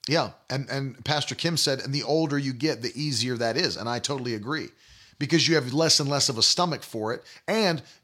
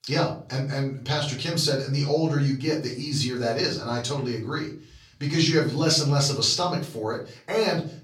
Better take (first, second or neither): first